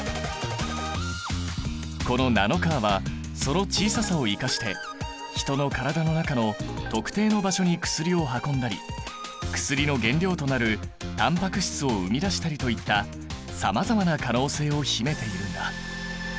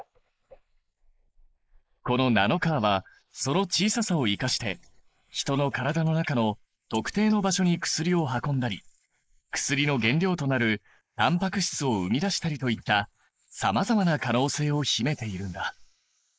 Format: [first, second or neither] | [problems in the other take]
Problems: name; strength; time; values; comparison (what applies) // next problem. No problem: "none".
first | noise reduction (neural mask model Resemble Enhance denoiser)